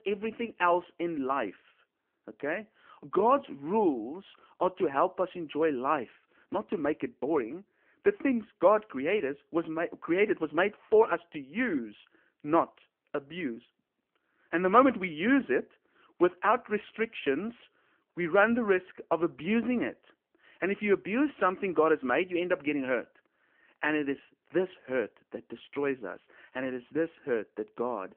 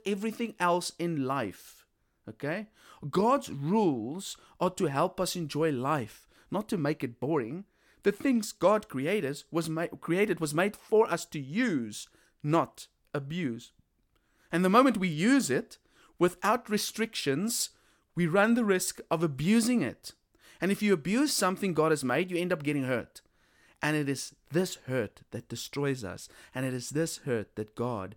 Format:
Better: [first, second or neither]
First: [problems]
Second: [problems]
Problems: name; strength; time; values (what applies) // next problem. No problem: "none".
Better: second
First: phone-call audio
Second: none